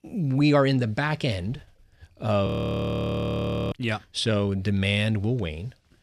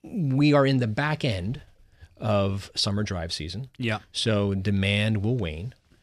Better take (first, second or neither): second